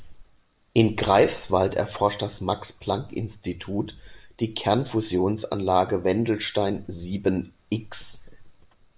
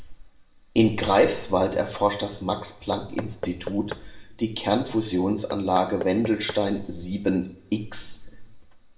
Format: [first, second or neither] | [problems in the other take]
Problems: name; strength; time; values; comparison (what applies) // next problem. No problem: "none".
first | background sound (Knock / Wood); 14 dB below the speech // room echo; dies away in 0.7 s